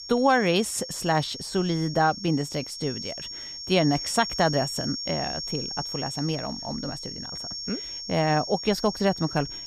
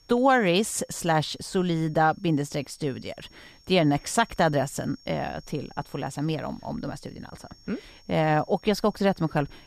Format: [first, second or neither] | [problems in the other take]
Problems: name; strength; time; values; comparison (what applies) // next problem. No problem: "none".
second | high-pitched whine; loud; throughout; 5.5 kHz, 7 dB below the speech; faint in the second